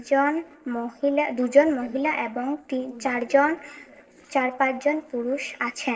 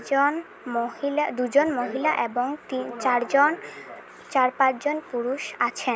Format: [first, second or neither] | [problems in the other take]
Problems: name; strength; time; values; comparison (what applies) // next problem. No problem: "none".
second | noise reduction (neural separator model SepFormer DNS4)